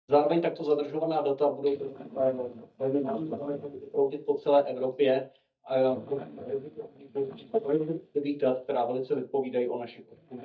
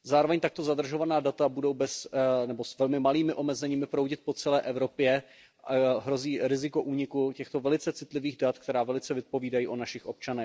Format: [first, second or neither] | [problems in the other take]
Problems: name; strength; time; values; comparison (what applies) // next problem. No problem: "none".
second | noise reduction (neural mask model DeepFilterNet 3)